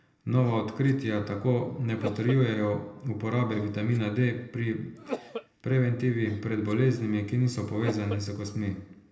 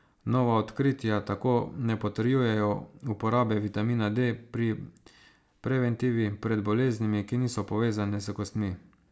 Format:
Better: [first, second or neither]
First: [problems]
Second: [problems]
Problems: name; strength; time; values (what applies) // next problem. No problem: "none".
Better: second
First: background sound (Cough); 15 dB below the speech // room echo; dies away in 0.7 s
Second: none